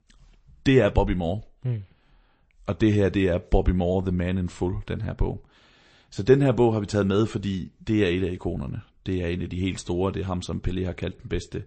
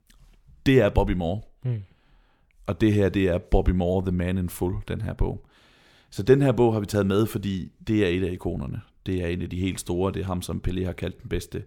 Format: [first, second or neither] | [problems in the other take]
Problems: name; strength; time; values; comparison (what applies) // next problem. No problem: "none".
second | garbled, watery; slightly; nothing above 8 kHz